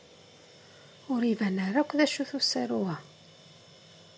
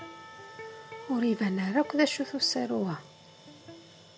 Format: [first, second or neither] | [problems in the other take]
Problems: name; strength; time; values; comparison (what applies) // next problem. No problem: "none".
first | background sound (Church bell / Percussion + Electric guitar); 17 dB below the speech